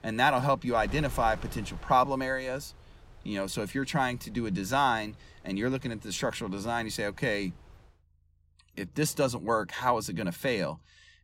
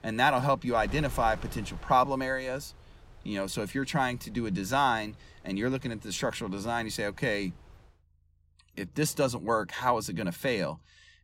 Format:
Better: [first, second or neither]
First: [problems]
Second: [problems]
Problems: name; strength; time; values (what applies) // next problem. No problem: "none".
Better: neither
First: wind noise on the microphone; occasional gusts; until 8 s; 25 dB below the speech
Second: wind noise on the microphone; occasional gusts; until 8 s; 25 dB below the speech